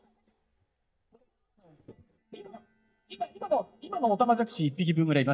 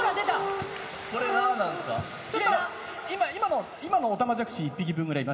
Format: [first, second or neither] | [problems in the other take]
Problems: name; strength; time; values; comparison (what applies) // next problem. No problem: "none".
second | noise reduction (neural mask model DeepFilterNet 3)